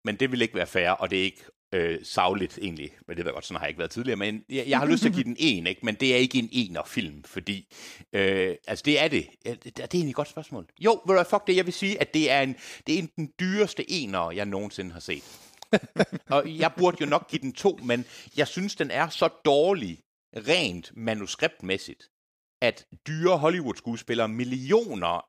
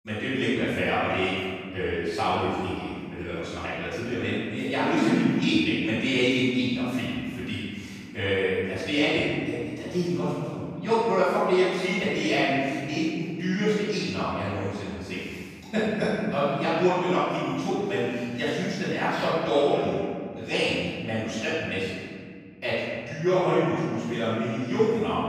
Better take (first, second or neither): first